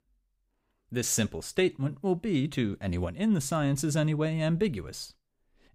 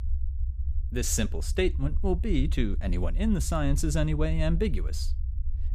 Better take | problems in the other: first | low rumble; noticeable; throughout; 20 dB below the speech

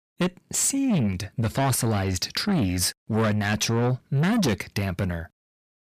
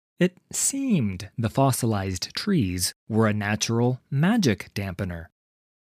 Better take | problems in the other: second | distortion; heavy; 8 dB below the speech

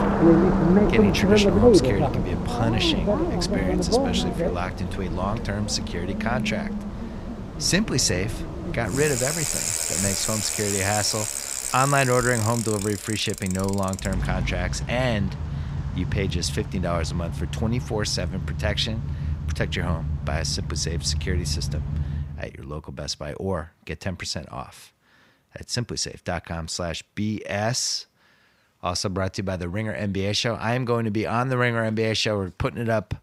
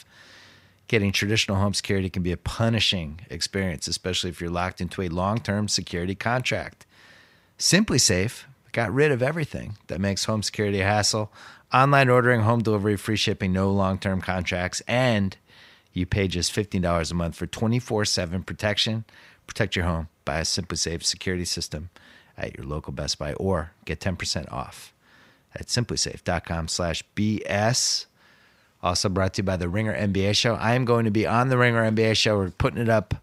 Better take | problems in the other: second | traffic noise; very loud; until 22 s; 1 dB above the speech

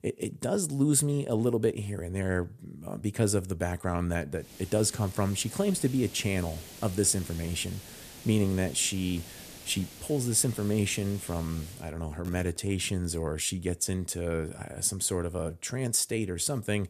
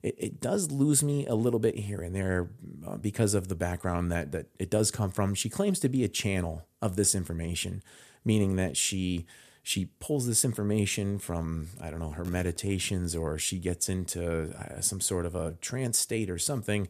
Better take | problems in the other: second | hiss; noticeable; from 4.5 to 12 s; 15 dB below the speech

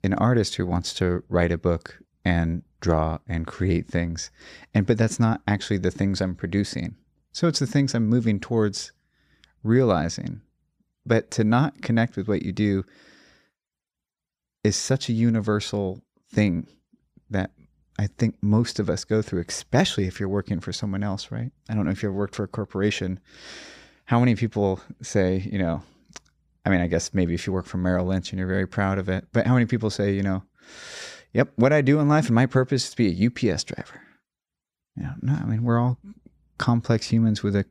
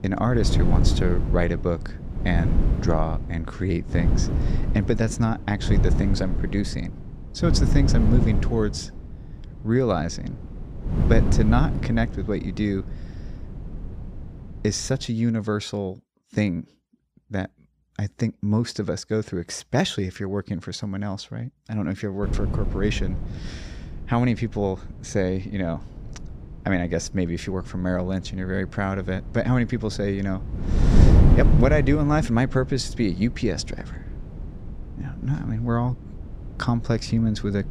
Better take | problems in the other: first | wind noise on the microphone; heavy; until 15 s and from 22 s on; 7 dB below the speech

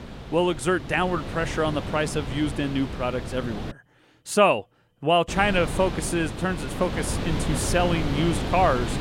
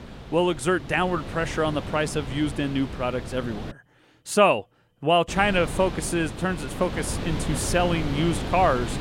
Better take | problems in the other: second | wind noise on the microphone; heavy; until 3.5 s and from 5.5 s on; 10 dB below the speech; occasional gusts in the second

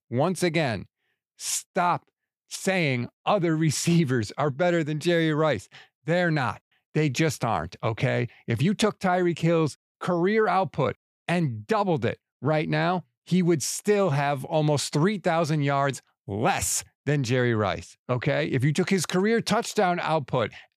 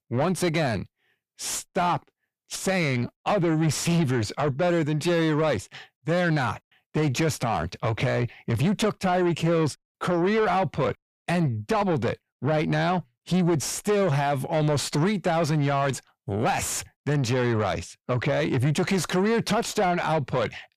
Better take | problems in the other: first | distortion; slight; 10 dB below the speech

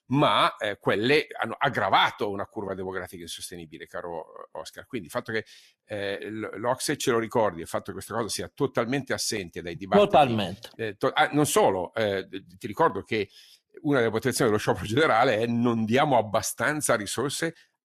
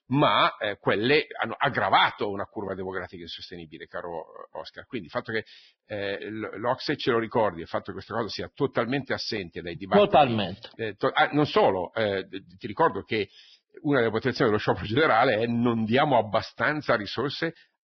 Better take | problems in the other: first | garbled, watery; badly; nothing above 5.5 kHz; slightly in the first

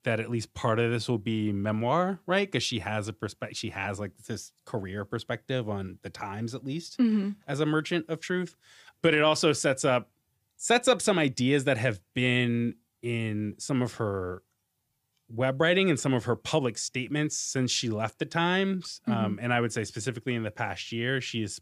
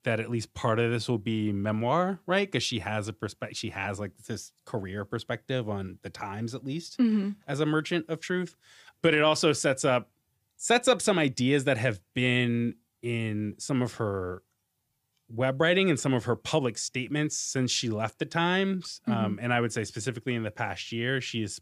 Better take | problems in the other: neither | none

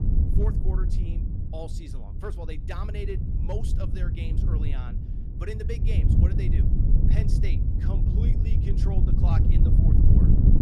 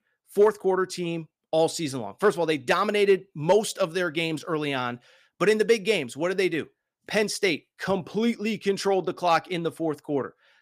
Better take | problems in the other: second | wind noise on the microphone; heavy; 3 dB above the speech

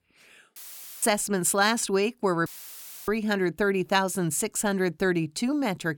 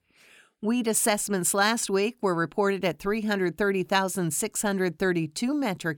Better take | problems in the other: second | audio cutting out; filled with static; at 0.5 s and at 2.5 s for 0.5 s

